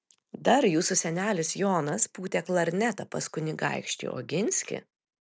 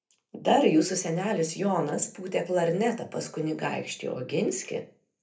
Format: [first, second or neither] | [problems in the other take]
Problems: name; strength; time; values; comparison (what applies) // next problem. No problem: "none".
first | room echo; dies away in 0.3 s